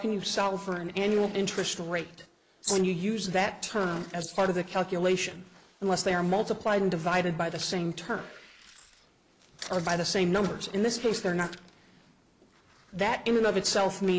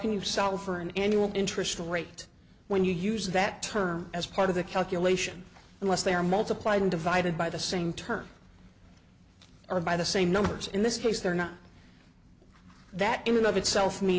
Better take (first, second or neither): second